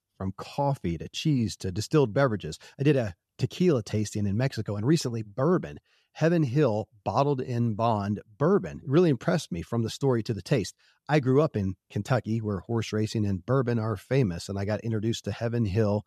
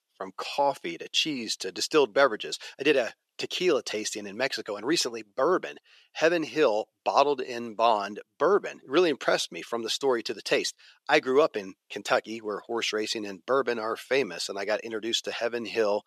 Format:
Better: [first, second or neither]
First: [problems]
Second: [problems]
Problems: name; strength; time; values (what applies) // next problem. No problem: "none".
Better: first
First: none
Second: thin; very; fading below 400 Hz